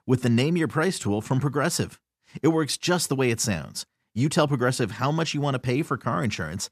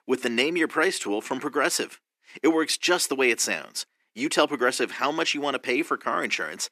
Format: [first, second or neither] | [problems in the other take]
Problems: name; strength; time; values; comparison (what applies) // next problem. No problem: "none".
first | thin; somewhat; fading below 300 Hz